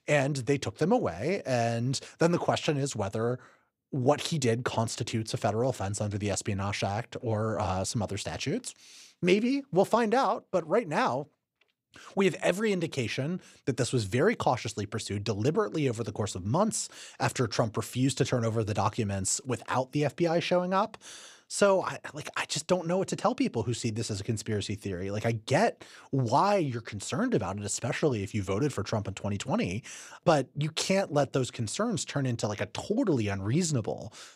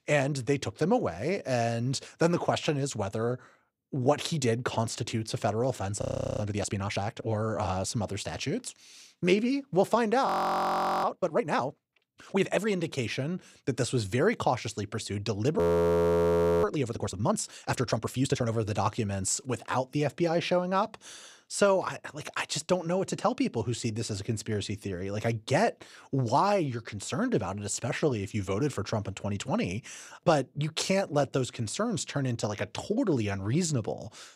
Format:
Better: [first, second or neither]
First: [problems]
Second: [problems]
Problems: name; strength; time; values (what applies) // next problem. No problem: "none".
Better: first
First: none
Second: audio freezing; at 6 s, at 10 s for 1 s and at 16 s for 1 s